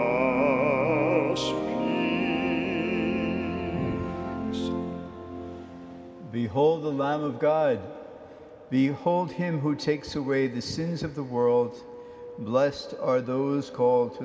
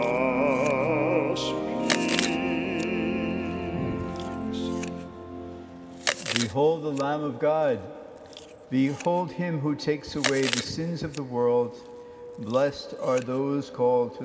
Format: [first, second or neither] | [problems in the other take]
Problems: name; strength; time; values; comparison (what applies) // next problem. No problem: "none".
first | background sound (Chewing, mastication); 11 dB below the speech